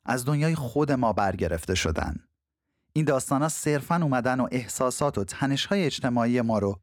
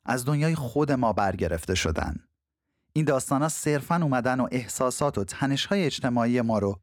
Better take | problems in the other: neither | none

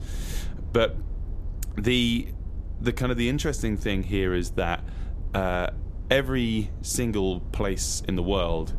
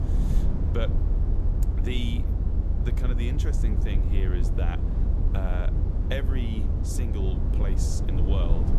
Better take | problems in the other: first | low rumble; loud; throughout; 2 dB below the speech; faint in the first

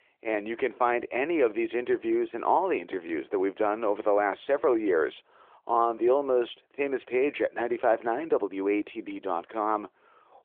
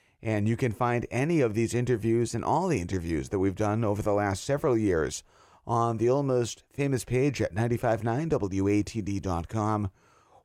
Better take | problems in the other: second | phone-call audio; nothing above 3.5 kHz

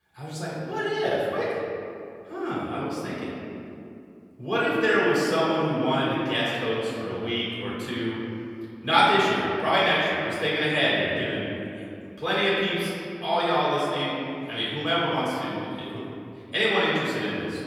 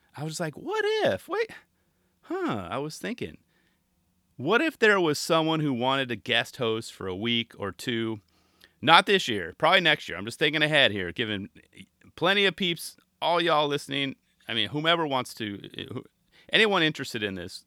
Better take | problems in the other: second | room echo; strong; dies away in 2.4 s // off-mic speech; far

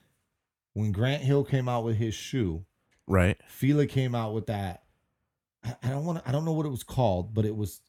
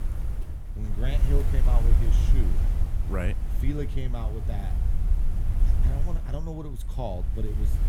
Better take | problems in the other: first | wind noise on the microphone; heavy; 5 dB below the speech

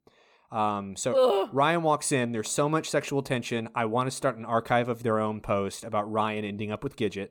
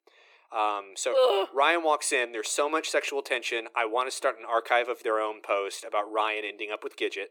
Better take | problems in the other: first | thin; very; fading below 350 Hz

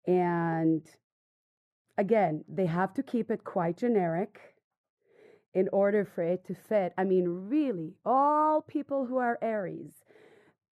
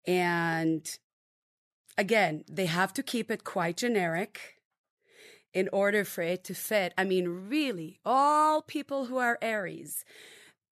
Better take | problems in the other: second | muffled; very; fading above 2 kHz

